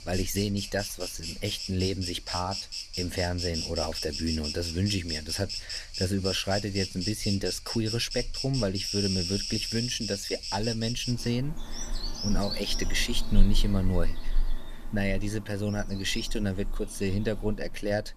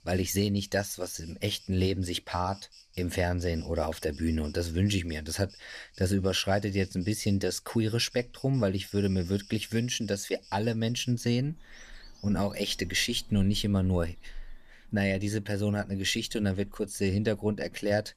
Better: second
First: animal sounds; loud; throughout; 3 dB below the speech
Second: animal sounds; faint; throughout; 20 dB below the speech

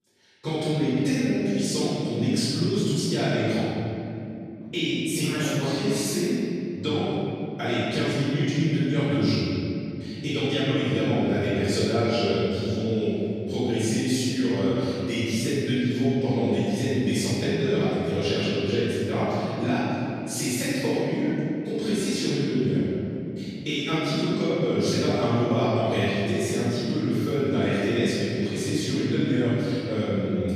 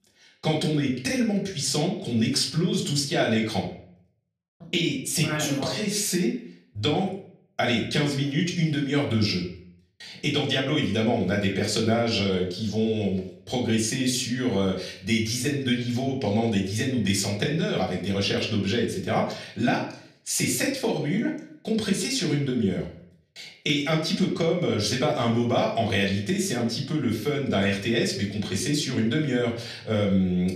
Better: second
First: room echo; strong; dies away in 2.9 s // off-mic speech; far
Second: room echo; slight; dies away in 0.5 s // off-mic speech; far

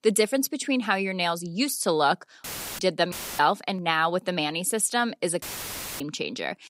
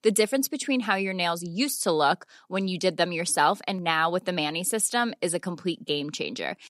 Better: second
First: audio cutting out; filled with static; at 2.5 s, at 3 s and at 5.5 s for 0.5 s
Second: none

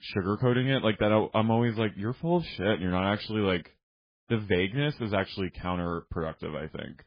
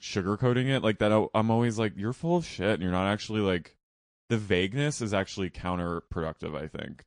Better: second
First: garbled, watery; badly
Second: garbled, watery; slightly; nothing above 9 kHz

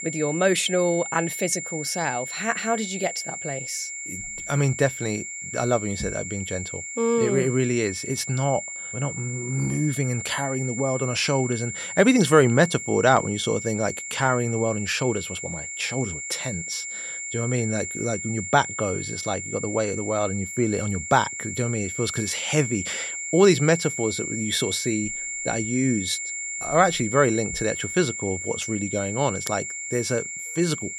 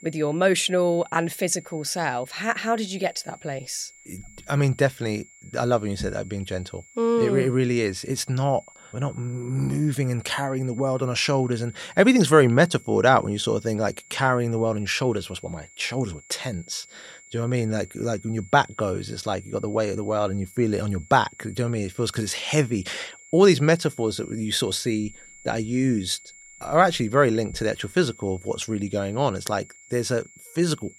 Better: second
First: high-pitched whine; loud; throughout; 7.5 kHz, 6 dB below the speech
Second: high-pitched whine; faint; throughout; 7.5 kHz, 25 dB below the speech

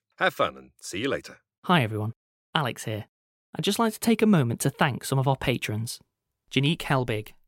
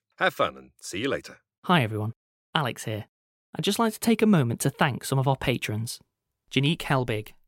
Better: neither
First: none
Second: none

